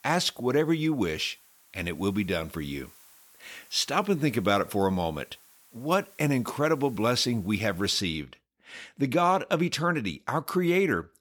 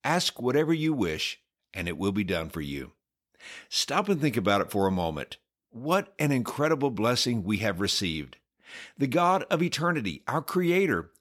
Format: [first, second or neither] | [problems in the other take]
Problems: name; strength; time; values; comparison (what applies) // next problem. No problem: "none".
second | hiss; faint; until 8 s; 25 dB below the speech